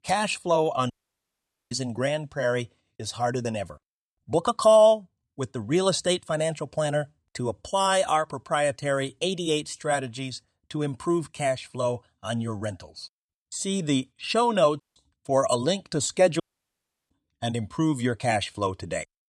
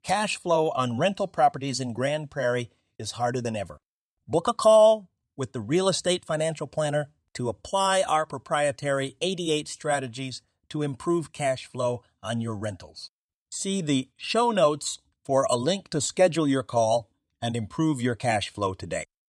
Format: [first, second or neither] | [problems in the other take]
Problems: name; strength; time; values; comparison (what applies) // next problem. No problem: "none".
second | audio cutting out; at 1 s for 1 s, at 15 s and at 16 s for 0.5 s